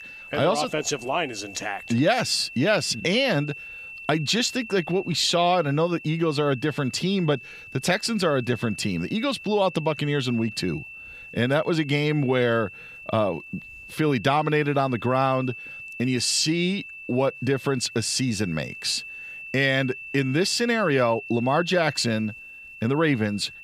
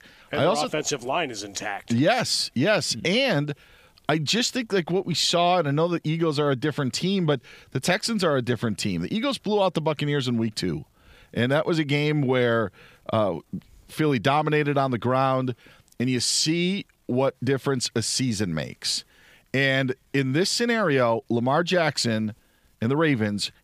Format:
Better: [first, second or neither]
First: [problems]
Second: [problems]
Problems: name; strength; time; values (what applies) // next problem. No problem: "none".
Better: second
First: high-pitched whine; noticeable; throughout; 2.5 kHz, 15 dB below the speech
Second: none